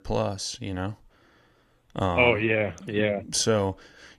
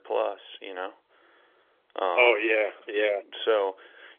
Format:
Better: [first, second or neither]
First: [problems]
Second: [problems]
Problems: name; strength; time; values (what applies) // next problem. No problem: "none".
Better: first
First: none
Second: phone-call audio; nothing above 3.5 kHz